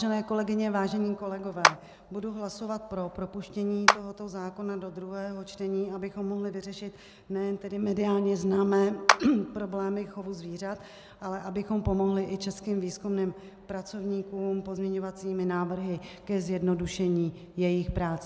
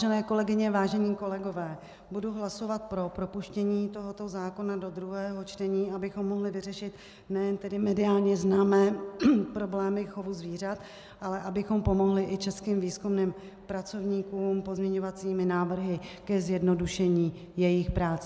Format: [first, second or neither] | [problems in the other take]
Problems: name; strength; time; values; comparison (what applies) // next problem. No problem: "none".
second | background sound (Clapping); as loud as the speech